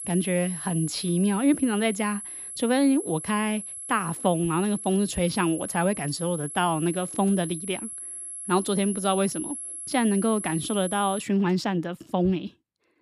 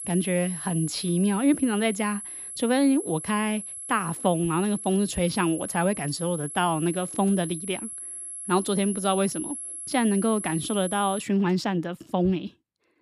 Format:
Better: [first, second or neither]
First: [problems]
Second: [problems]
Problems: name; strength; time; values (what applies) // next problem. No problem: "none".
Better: neither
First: high-pitched whine; loud; until 11 s; 11 kHz, 8 dB below the speech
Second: high-pitched whine; loud; until 11 s; 11 kHz, 8 dB below the speech